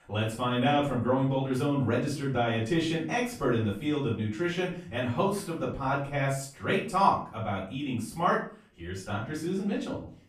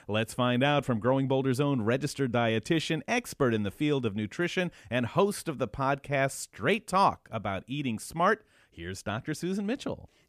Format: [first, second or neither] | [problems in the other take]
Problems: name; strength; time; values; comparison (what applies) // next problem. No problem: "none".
second | off-mic speech; far // room echo; noticeable; dies away in 0.4 s